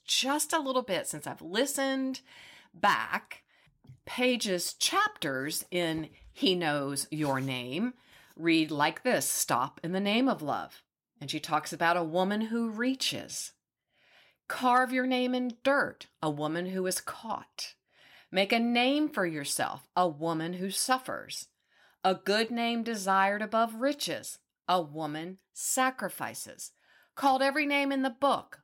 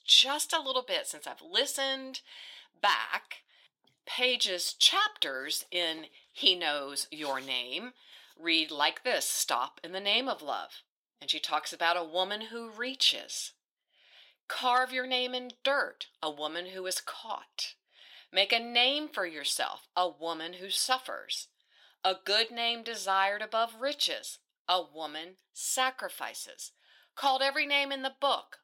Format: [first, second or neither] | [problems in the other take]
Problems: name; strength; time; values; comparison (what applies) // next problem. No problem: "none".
first | thin; somewhat; fading below 500 Hz